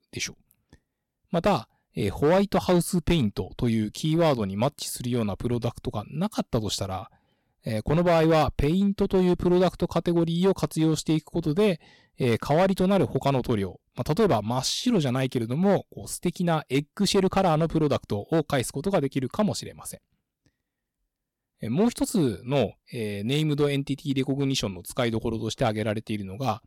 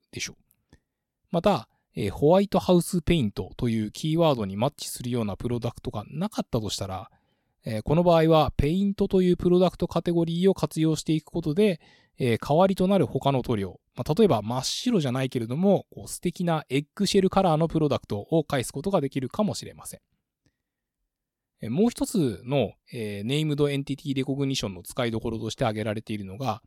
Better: second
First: distortion; slight; 5% of the sound clipped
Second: none

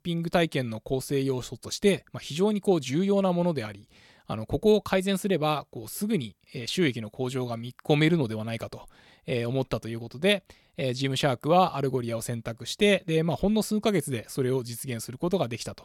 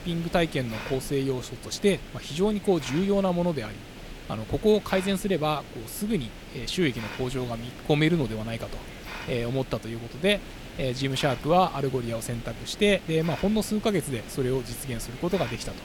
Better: first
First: none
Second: hiss; noticeable; throughout; 15 dB below the speech

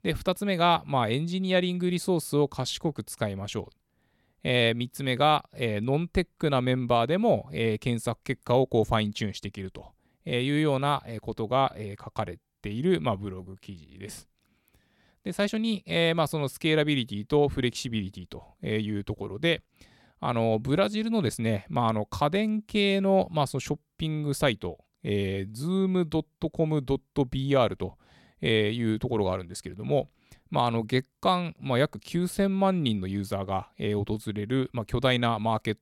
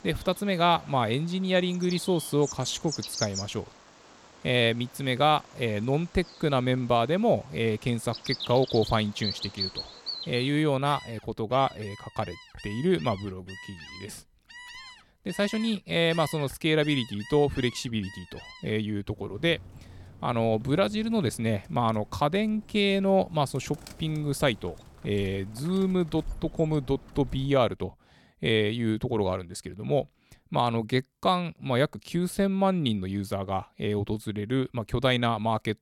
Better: first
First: none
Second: animal sounds; noticeable; until 27 s; 15 dB below the speech

